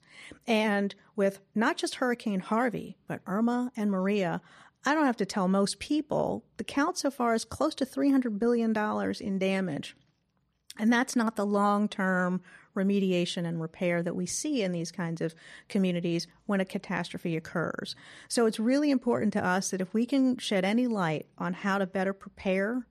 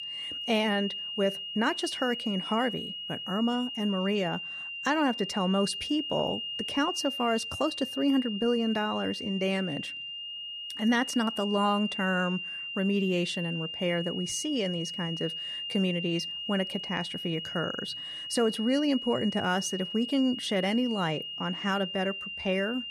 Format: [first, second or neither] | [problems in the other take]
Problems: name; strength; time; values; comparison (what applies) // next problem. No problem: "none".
first | high-pitched whine; loud; throughout; 3 kHz, 5 dB below the speech